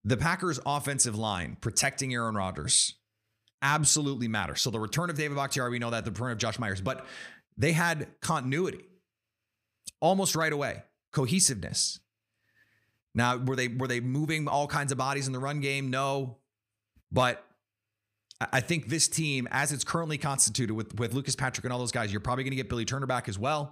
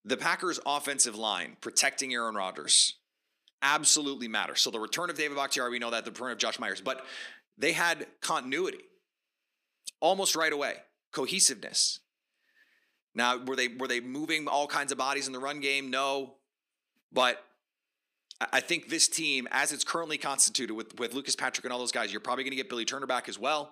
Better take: first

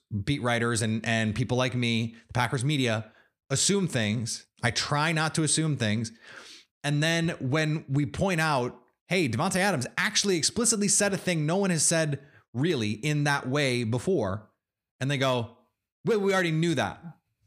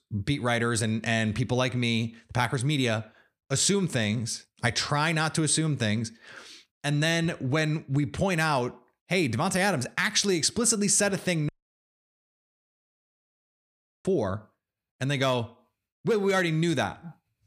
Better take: first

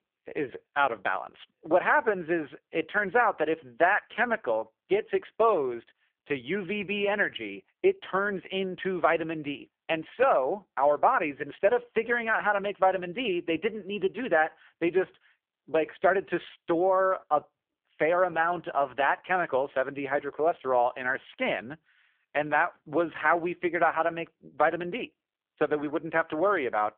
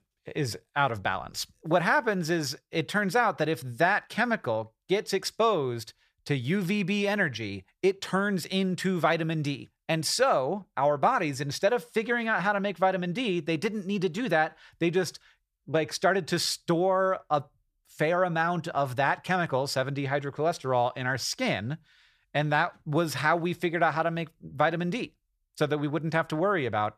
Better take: second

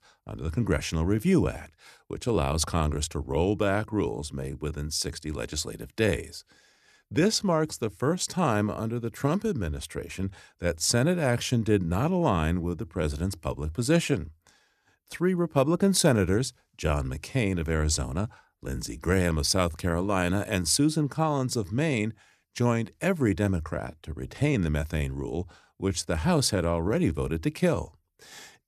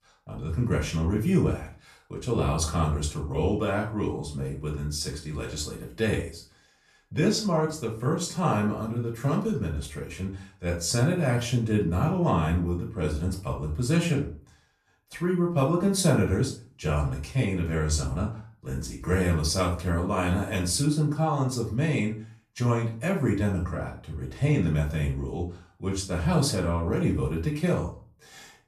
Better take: first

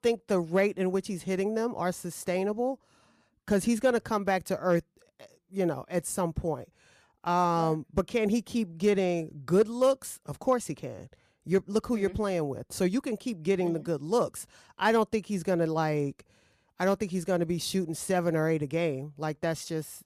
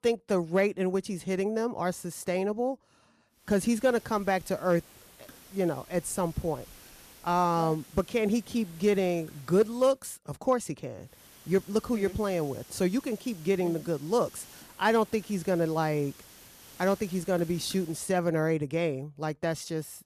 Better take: first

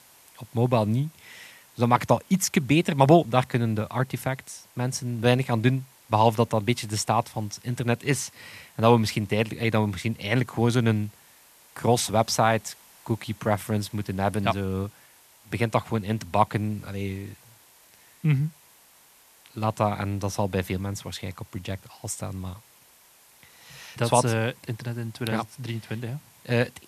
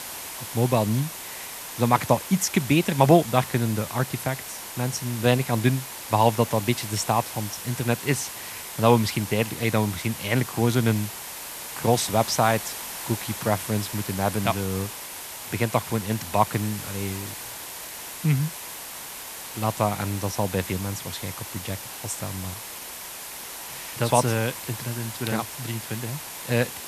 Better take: first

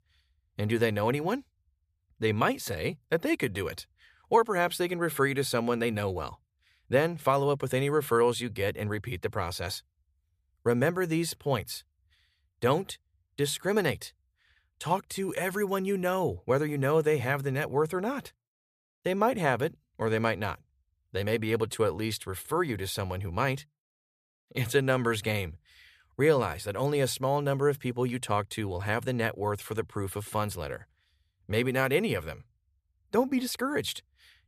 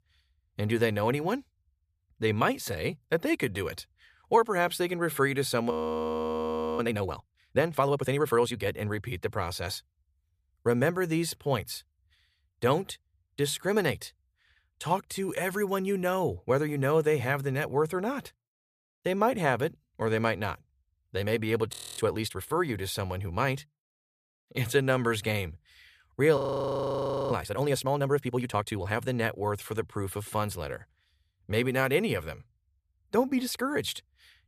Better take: first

